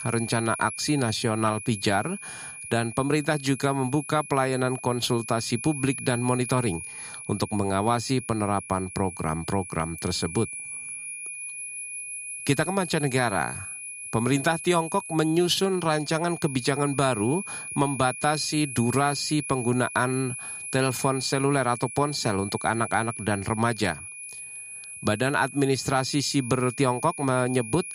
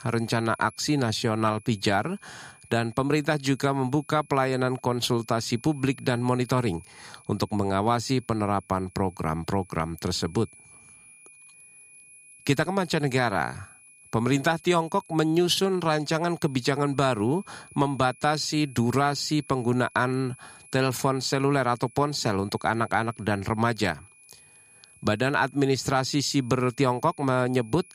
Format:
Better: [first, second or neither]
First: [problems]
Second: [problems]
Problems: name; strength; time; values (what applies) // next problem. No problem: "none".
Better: second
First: high-pitched whine; loud; throughout; 10.5 kHz, 9 dB below the speech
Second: high-pitched whine; faint; throughout; 10.5 kHz, 25 dB below the speech